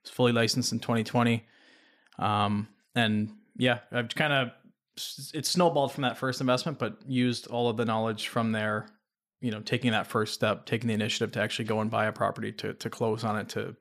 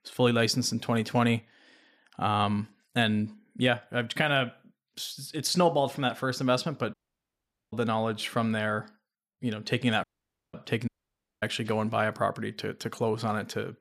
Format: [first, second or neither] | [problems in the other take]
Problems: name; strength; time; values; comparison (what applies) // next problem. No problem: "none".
first | audio cutting out; at 7 s for 1 s, at 10 s and at 11 s for 0.5 s